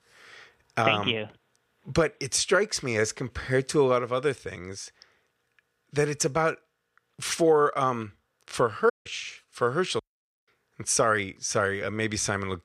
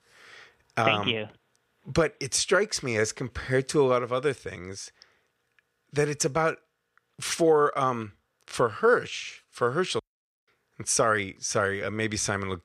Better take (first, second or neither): second